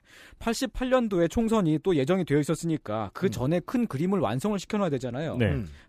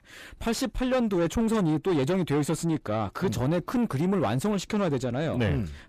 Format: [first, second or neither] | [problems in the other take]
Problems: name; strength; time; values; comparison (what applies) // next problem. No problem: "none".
first | distortion; slight; 10 dB below the speech